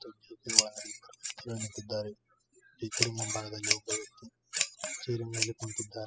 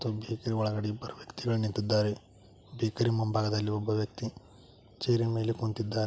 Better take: second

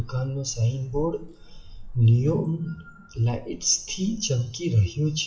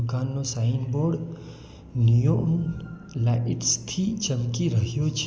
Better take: second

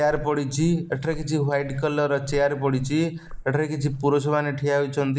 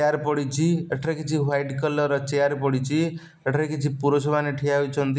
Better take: second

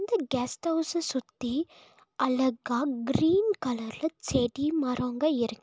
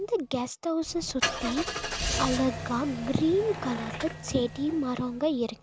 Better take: first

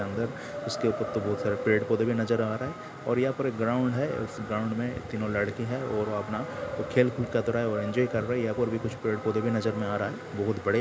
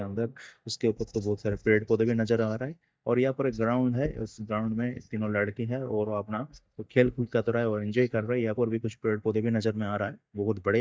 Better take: first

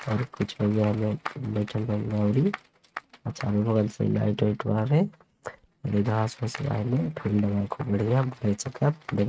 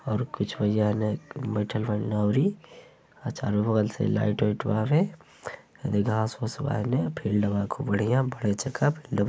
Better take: second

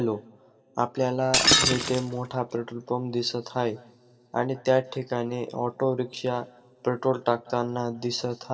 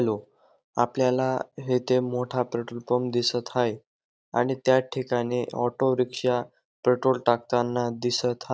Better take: second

